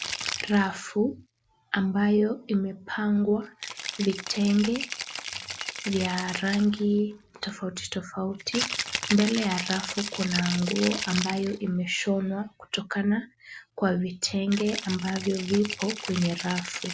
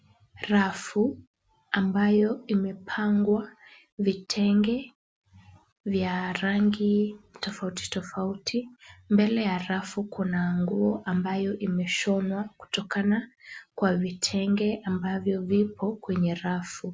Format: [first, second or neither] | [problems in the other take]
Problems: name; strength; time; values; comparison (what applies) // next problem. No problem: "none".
second | background sound (Rattle (instrument)); 9 dB below the speech